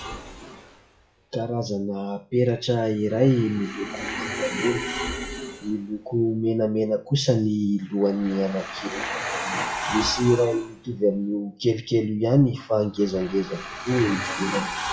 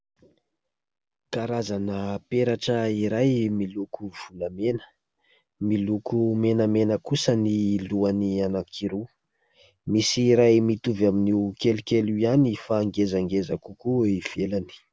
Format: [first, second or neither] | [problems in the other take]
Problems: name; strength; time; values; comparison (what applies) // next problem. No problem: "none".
second | noise reduction (classical method WPE with log-MMSE)